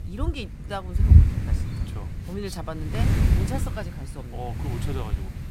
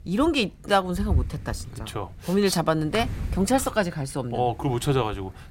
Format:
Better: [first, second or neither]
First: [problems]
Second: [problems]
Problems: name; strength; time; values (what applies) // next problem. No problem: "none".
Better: second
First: wind noise on the microphone; heavy; 1 dB below the speech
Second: wind noise on the microphone; occasional gusts; 25 dB below the speech